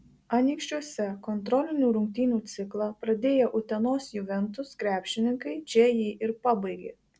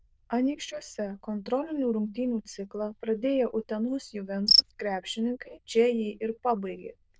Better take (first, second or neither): first